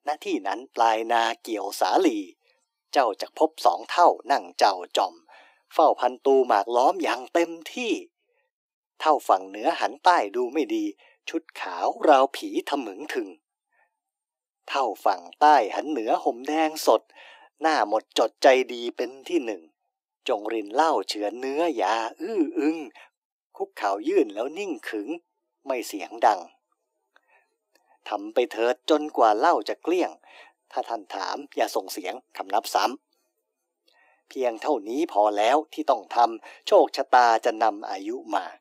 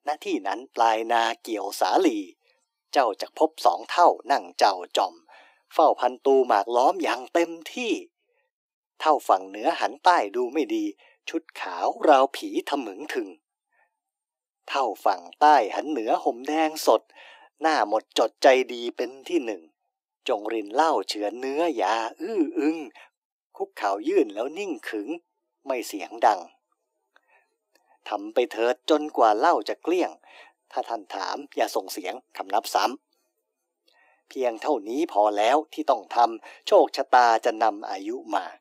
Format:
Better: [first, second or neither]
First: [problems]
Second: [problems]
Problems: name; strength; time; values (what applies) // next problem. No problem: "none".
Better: neither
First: thin; very; fading below 300 Hz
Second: thin; very; fading below 300 Hz